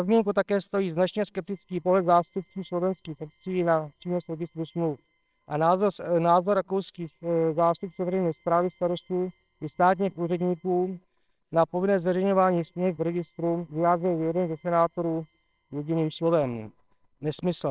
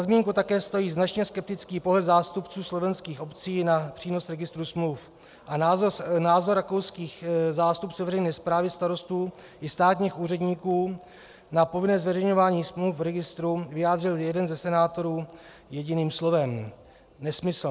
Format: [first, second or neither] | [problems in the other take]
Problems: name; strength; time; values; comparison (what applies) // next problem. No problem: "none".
second | noise reduction (neural separator model SepFormer WHAMR!)